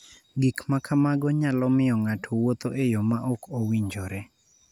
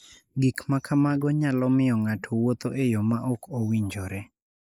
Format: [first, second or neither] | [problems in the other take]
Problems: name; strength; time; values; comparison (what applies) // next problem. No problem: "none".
first | noise reduction (neural mask model Resemble Enhance denoiser)